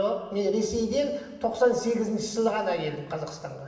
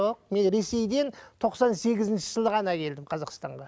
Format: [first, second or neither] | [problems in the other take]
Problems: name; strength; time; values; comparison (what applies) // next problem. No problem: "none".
second | room echo; dies away in 1.2 s